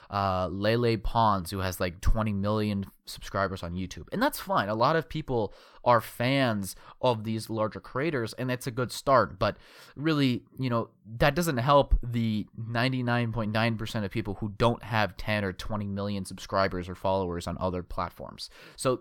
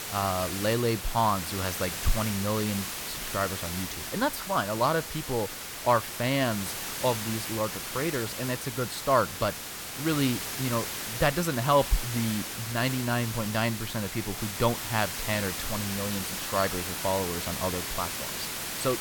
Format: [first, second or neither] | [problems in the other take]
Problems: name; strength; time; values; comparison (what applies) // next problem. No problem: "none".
first | hiss; loud; throughout; 4 dB below the speech